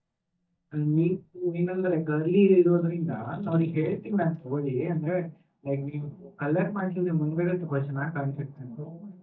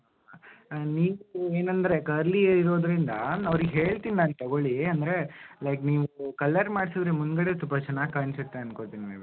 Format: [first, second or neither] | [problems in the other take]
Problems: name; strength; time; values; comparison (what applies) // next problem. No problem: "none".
second | noise reduction (neural mask model DeepFilterNet 3)